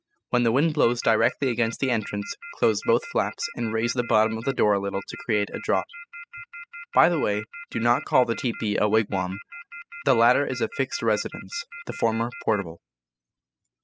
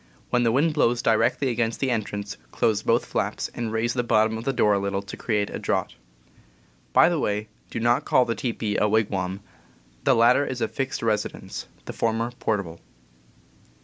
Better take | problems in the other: second | noise reduction (classical method spectral subtraction)

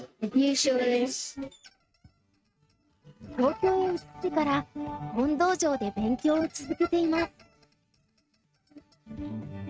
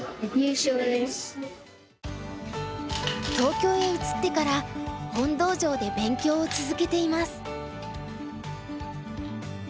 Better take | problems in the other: second | noise reduction (neural mask model RNNoise)

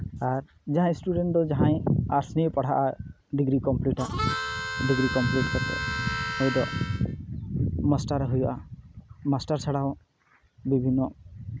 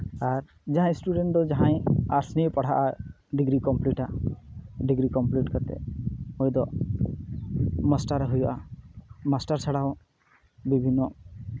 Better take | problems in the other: second | background sound (Harmonica); 5 dB below the speech

